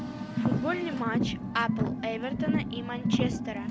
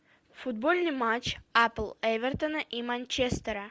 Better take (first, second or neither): second